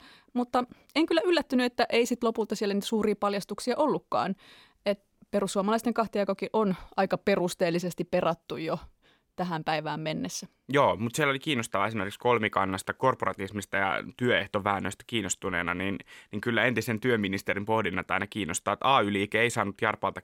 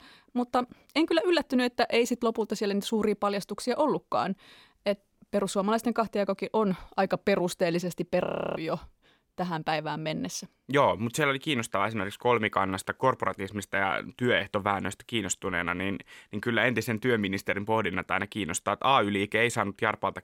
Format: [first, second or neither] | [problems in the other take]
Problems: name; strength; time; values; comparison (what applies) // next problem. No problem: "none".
first | audio freezing; at 8.5 s